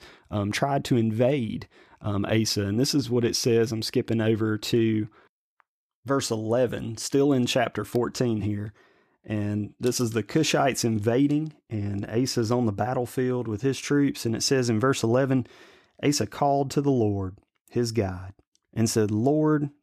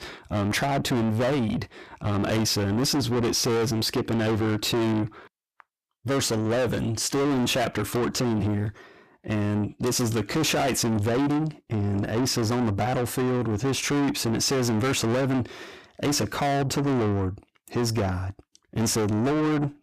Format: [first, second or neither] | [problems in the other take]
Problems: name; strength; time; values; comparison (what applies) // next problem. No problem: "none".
first | distortion; heavy; 6 dB below the speech